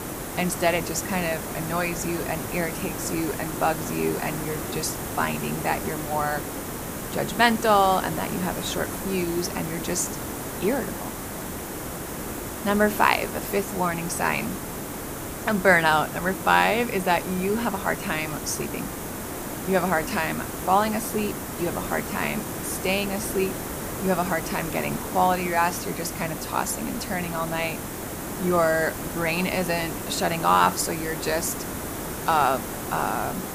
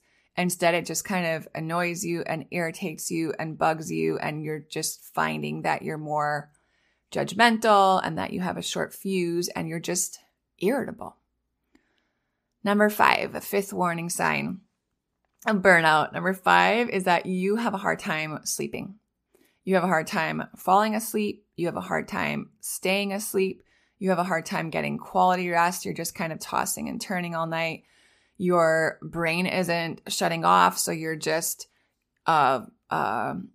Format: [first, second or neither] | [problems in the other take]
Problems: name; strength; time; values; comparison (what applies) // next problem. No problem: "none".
second | hiss; loud; throughout; 6 dB below the speech